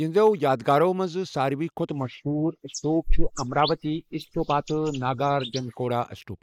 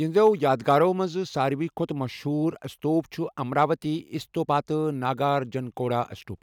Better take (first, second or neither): second